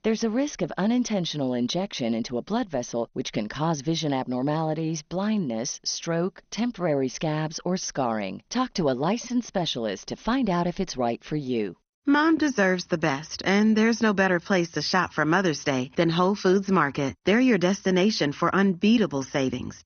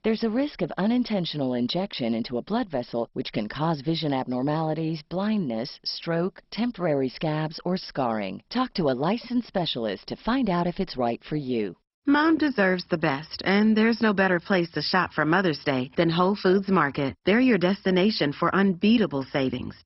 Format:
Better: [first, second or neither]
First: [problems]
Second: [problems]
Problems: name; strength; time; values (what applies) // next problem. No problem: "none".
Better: first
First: garbled, watery; slightly; nothing above 6.5 kHz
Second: garbled, watery; badly; nothing above 5.5 kHz